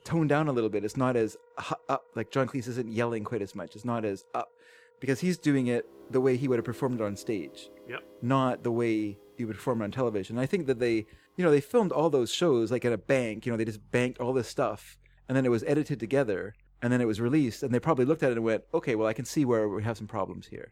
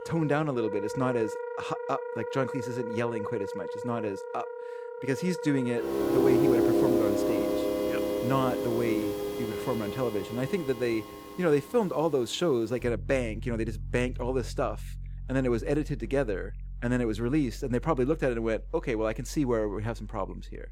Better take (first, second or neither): first